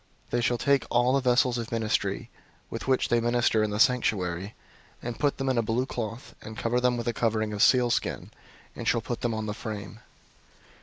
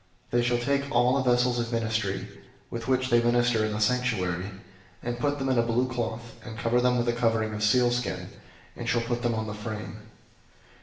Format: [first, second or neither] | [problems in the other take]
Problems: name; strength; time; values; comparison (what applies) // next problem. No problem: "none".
first | room echo; dies away in 0.8 s